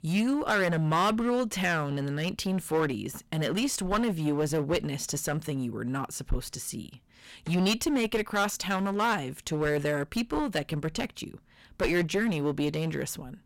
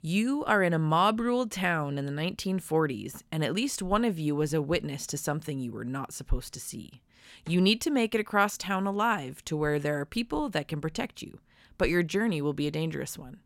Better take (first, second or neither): second